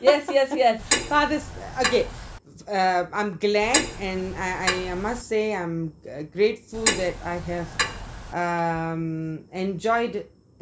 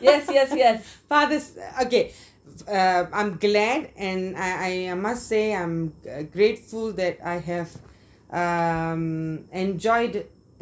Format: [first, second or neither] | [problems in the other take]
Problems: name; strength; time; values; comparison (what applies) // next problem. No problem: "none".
second | background sound (Clock); 3 dB below the speech